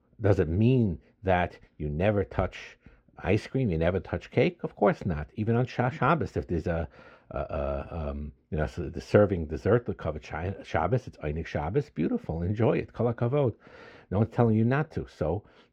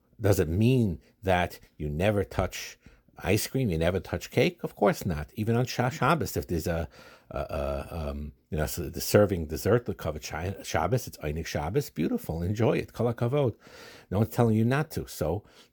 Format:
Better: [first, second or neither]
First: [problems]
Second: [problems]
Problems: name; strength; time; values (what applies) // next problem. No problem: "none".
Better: second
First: muffled; slightly; fading above 2.5 kHz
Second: none